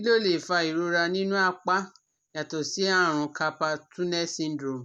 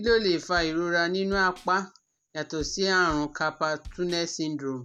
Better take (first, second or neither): first